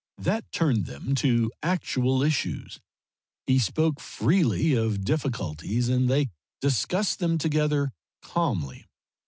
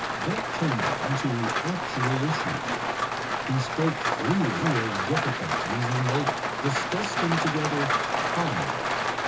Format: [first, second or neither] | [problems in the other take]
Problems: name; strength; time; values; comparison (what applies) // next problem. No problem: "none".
first | background sound (Rain); 2 dB above the speech // room echo; dies away in 0.2 s